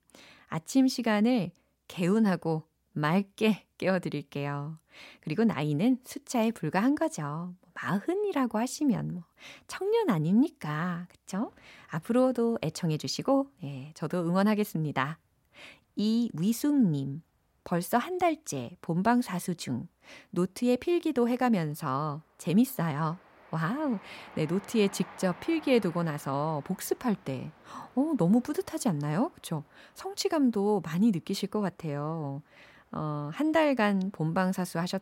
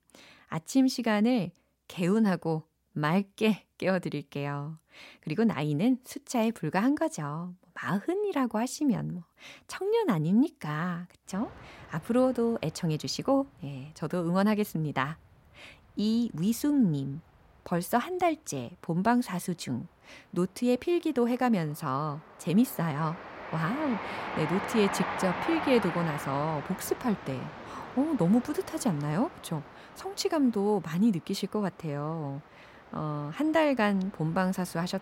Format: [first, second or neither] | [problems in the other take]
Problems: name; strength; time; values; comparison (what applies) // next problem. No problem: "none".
first | train or aircraft noise; loud; from 11 s on; 10 dB below the speech; faint in the first